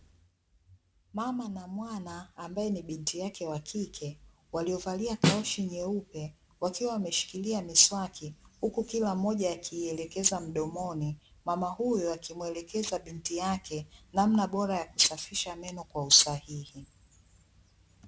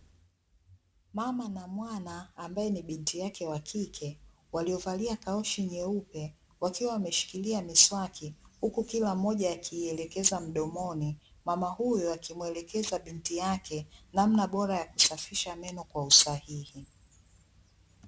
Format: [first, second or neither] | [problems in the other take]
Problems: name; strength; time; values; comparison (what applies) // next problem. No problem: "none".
second | background sound (Snare drum); 1 dB above the speech